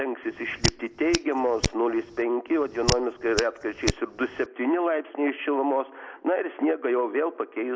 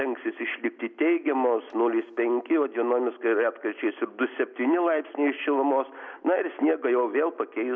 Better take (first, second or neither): second